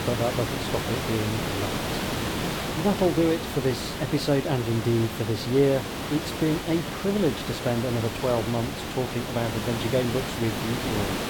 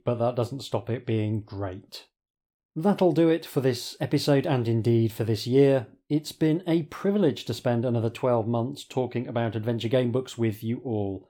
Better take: second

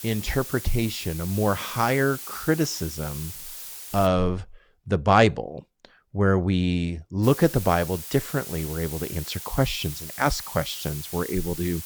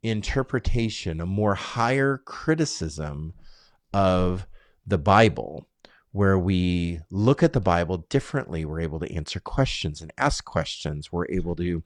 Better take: second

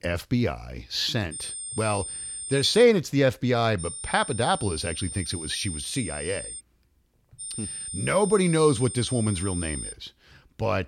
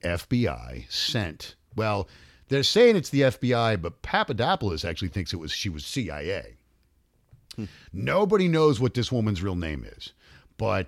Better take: second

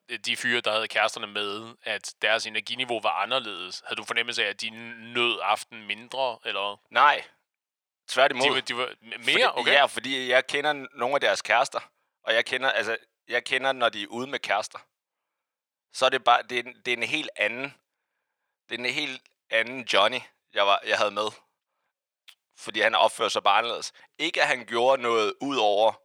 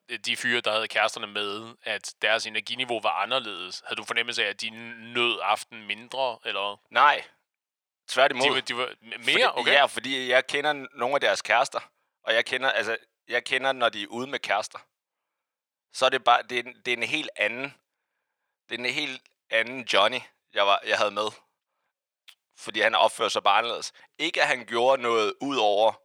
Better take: neither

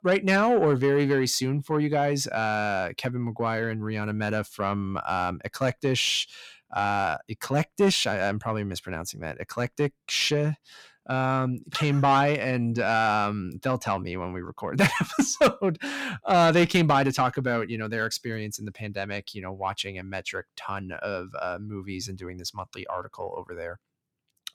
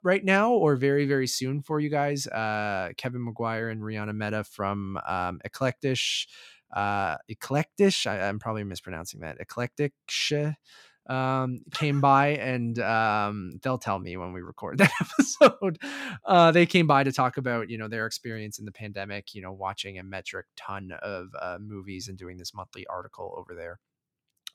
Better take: second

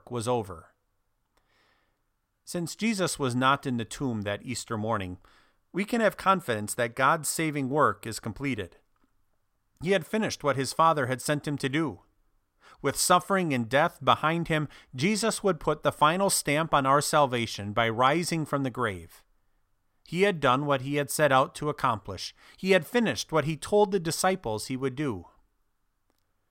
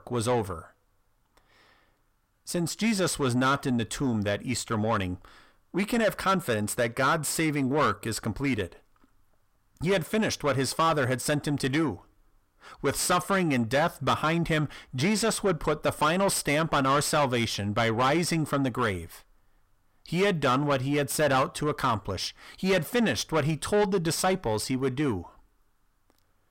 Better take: first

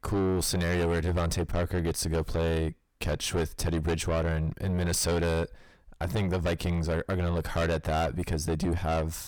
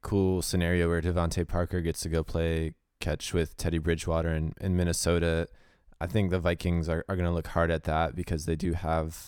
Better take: second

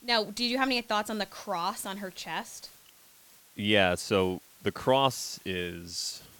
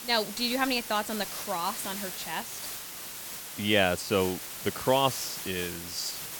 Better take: first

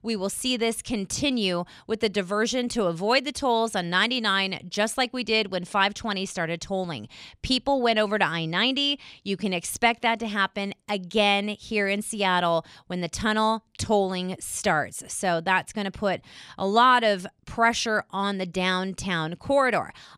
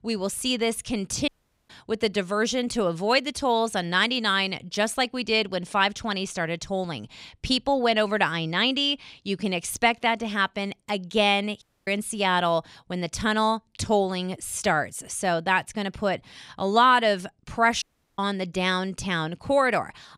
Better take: first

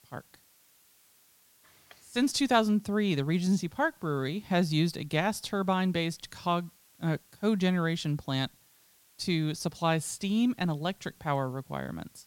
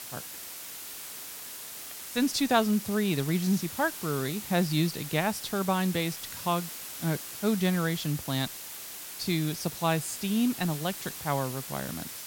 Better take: first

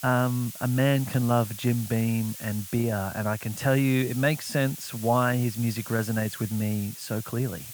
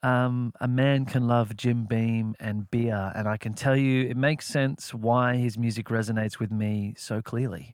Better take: second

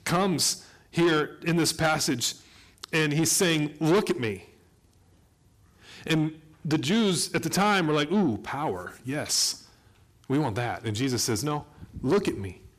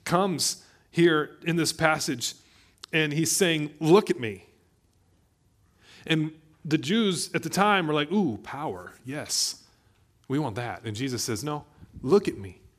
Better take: second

